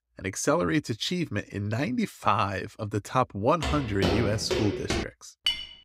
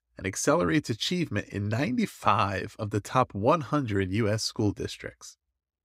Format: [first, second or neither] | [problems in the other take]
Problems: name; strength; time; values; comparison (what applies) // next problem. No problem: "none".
second | footsteps; loud; from 3.5 to 5 s; peak level with the speech // clattering dishes; loud; at 5.5 s; peak level with the speech